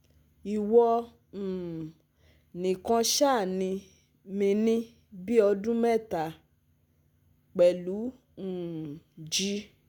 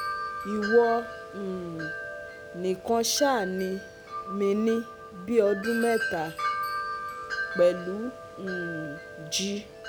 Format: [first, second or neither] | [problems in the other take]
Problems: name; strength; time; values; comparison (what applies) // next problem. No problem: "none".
first | background sound (Wind chime); 7 dB below the speech